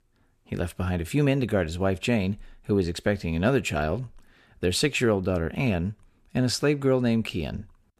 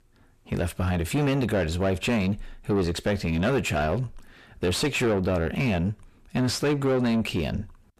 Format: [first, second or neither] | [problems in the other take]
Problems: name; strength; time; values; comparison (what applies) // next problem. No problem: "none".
first | distortion; heavy; 6 dB below the speech